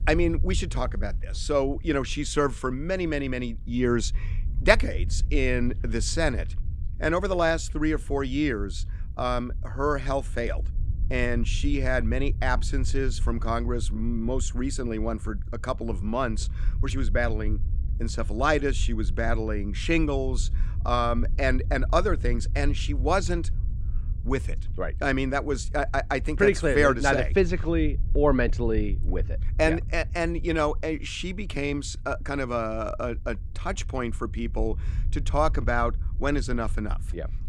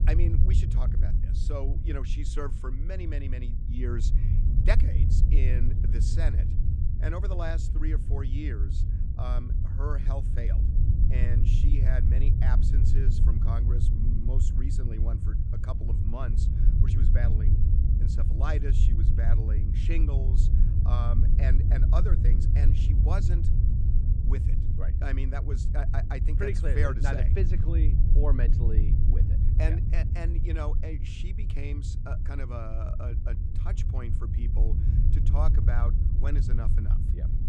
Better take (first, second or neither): first